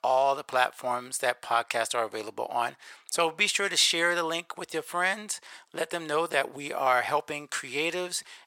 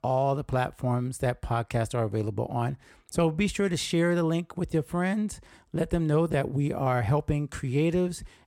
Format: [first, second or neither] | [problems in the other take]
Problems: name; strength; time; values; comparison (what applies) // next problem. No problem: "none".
second | thin; very; fading below 850 Hz